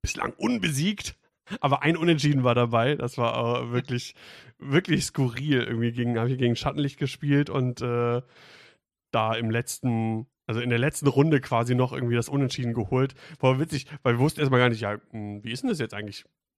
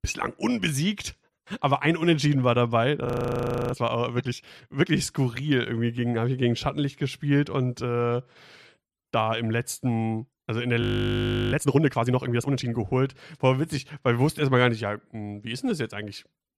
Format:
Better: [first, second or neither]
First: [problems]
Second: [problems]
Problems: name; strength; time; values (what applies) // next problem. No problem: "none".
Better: first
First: none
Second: audio freezing; at 3 s for 0.5 s and at 11 s for 0.5 s